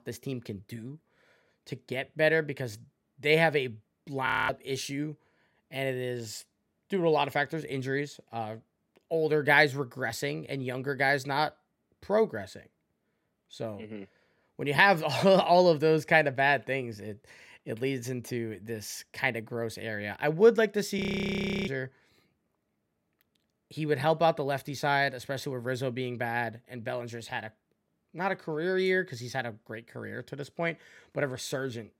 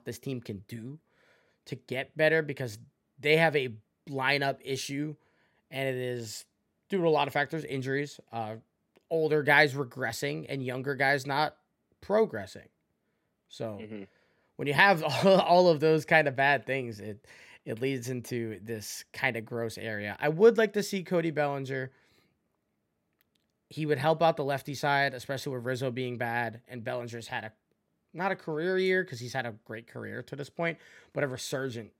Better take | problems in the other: second | audio freezing; at 4.5 s and at 21 s for 0.5 s

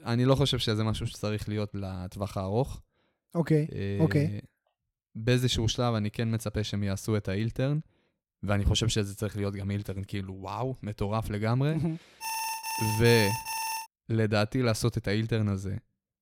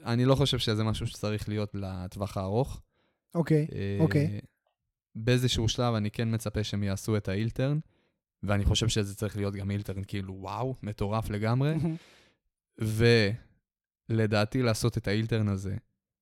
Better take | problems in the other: second | alarm; noticeable; from 12 to 14 s; peak 3 dB below the speech

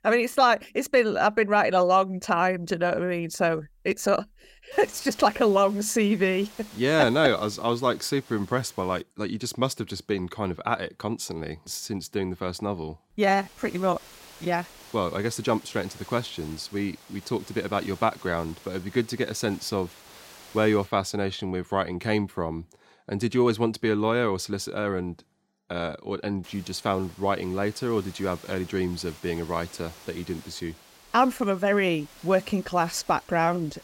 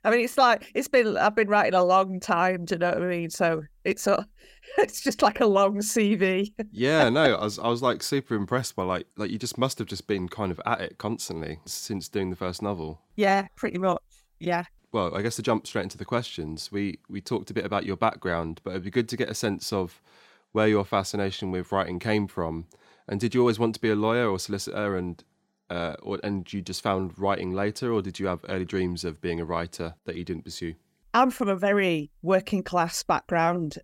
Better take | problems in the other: second | hiss; faint; from 4.5 to 9 s, from 13 to 21 s and from 26 s on; 20 dB below the speech

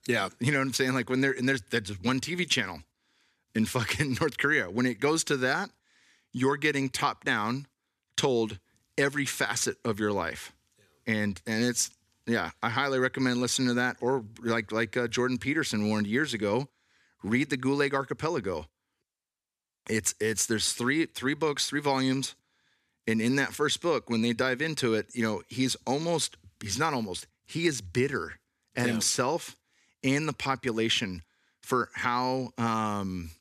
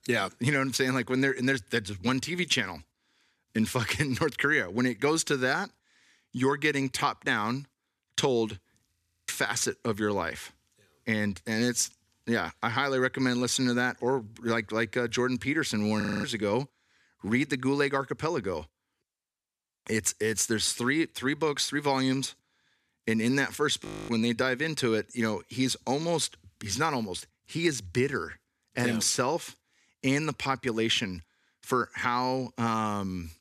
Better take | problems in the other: first | audio freezing; at 9 s, at 16 s and at 24 s

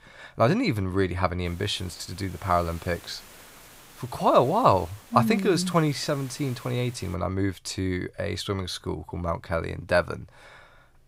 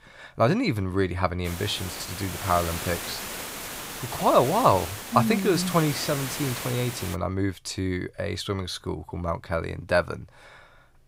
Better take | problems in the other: first | hiss; loud; from 1.5 to 7 s; 7 dB below the speech; faint in the first

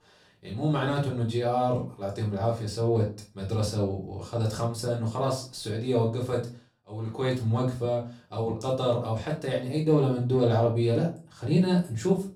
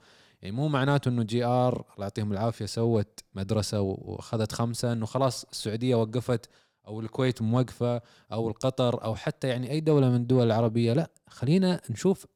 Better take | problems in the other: second | off-mic speech; far // room echo; slight; dies away in 0.3 s

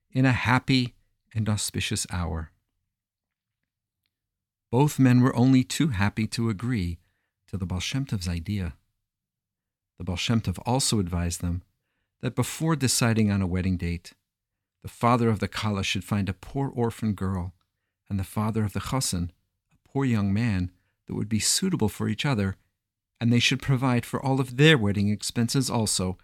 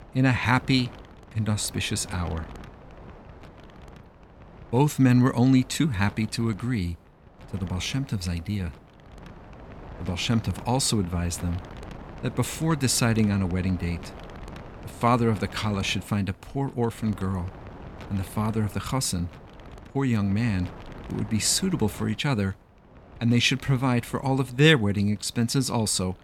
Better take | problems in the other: first | wind noise on the microphone; occasional gusts; 20 dB below the speech

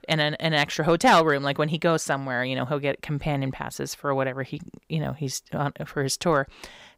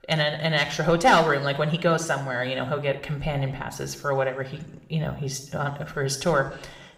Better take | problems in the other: first | room echo; slight; dies away in 0.7 s

